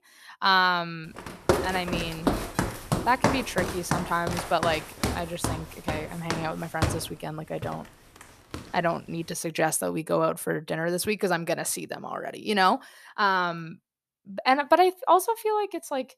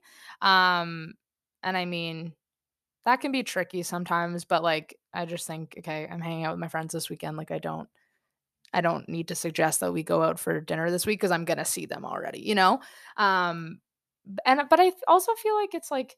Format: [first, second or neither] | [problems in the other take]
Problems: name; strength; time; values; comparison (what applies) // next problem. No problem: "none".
second | footsteps; loud; from 1.5 to 8.5 s; peak 1 dB above the speech